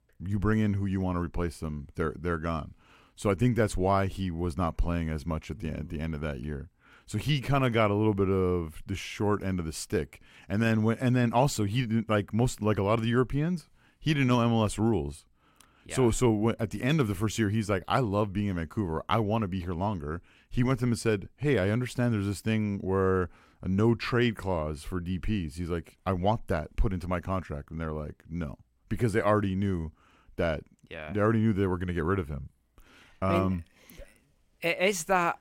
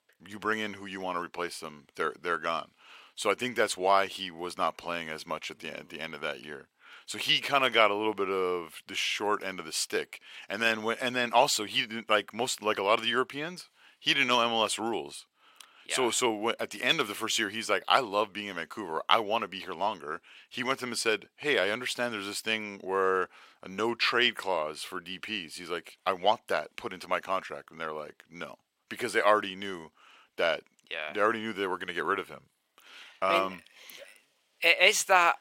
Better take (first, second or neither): first